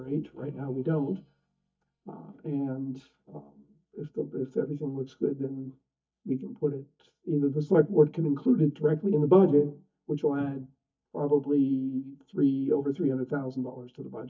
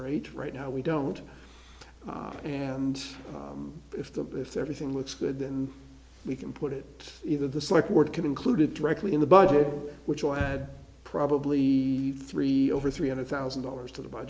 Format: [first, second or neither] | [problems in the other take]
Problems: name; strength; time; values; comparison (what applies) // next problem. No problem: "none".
second | noise reduction (neural mask model DeepFilterNet 3)